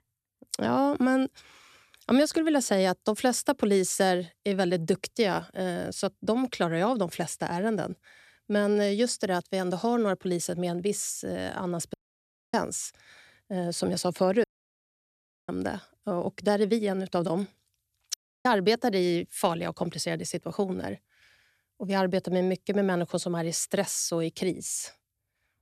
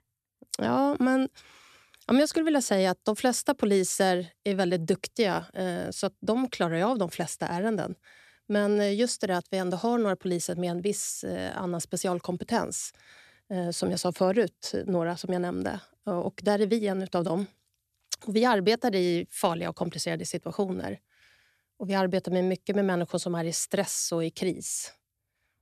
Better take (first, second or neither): second